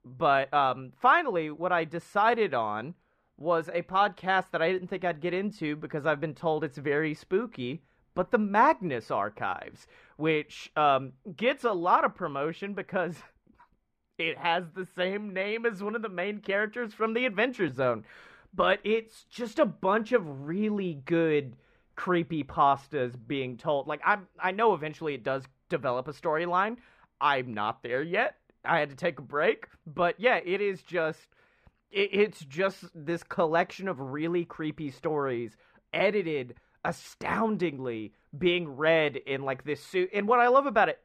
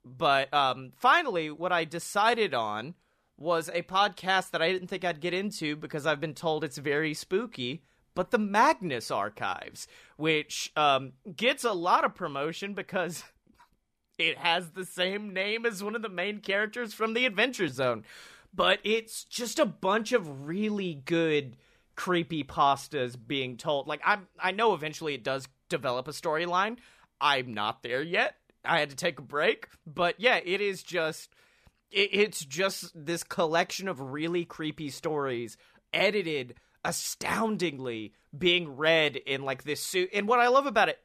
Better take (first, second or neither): second